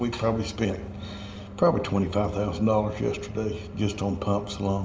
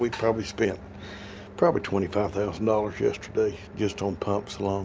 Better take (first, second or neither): second